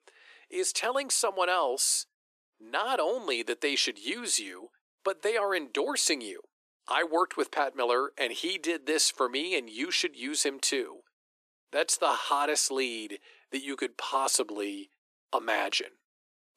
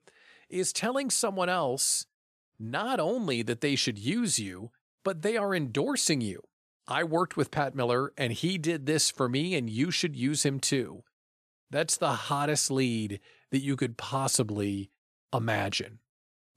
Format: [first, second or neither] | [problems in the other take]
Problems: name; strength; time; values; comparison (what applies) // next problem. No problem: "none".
second | thin; somewhat; fading below 300 Hz